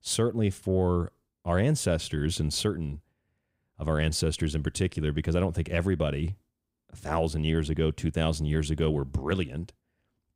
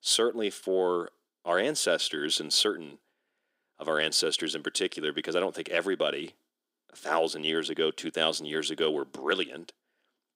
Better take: first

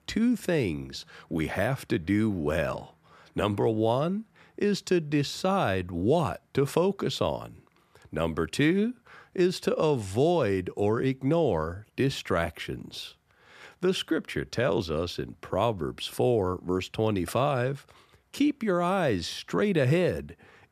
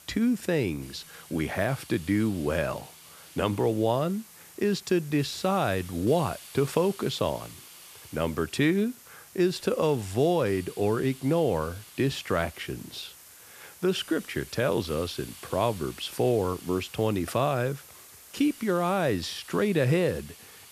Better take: first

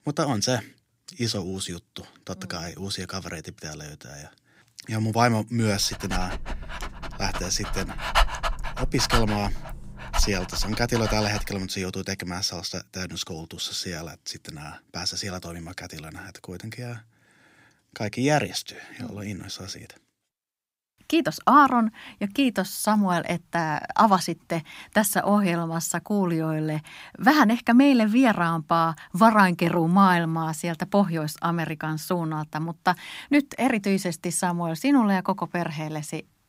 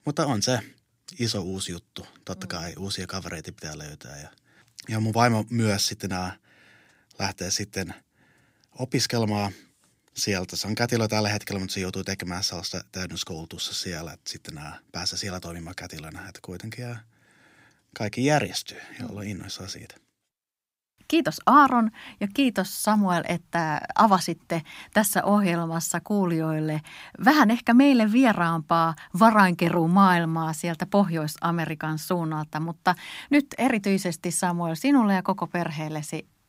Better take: second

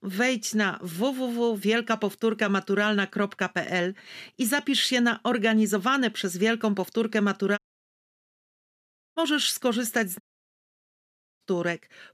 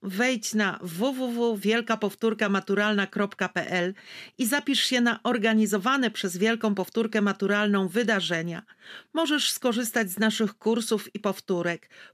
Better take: second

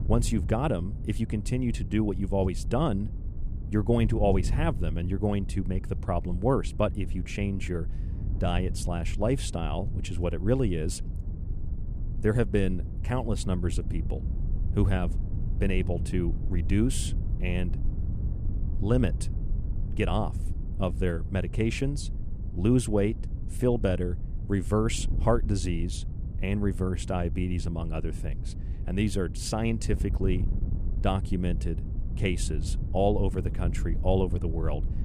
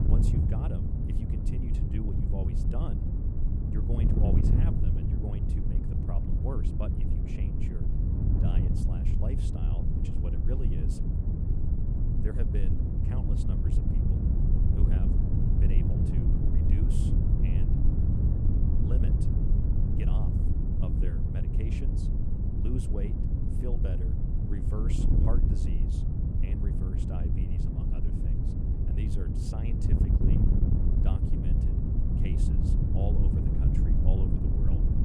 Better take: first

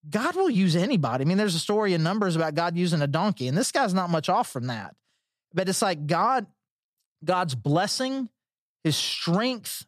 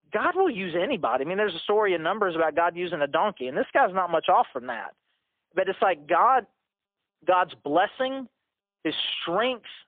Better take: first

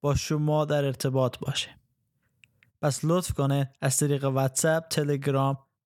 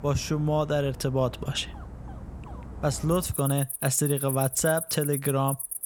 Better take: first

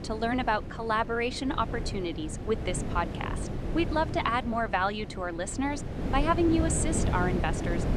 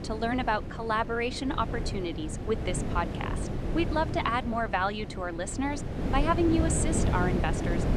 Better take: first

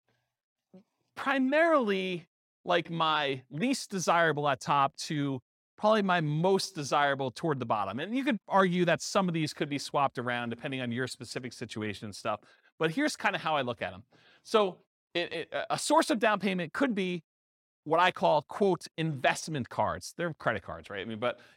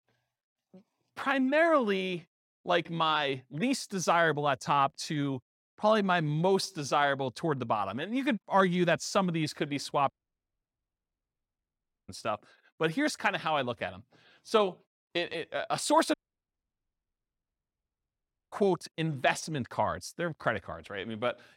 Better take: first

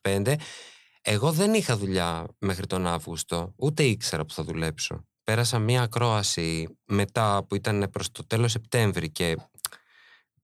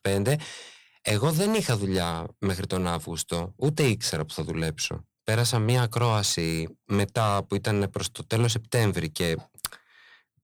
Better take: first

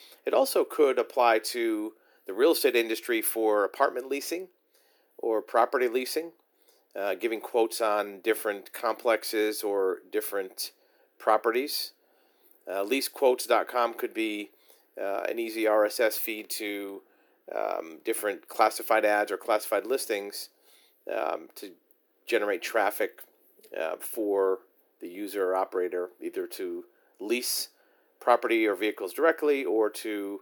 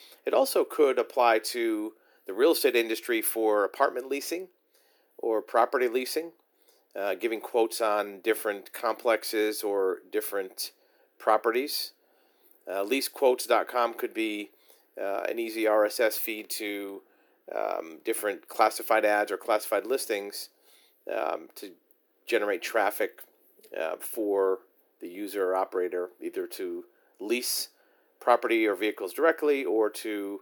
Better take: neither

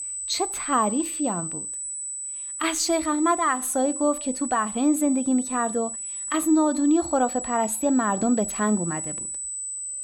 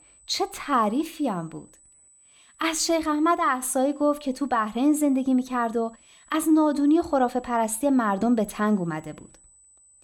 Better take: second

